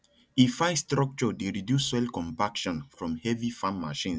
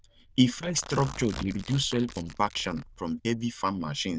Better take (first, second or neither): first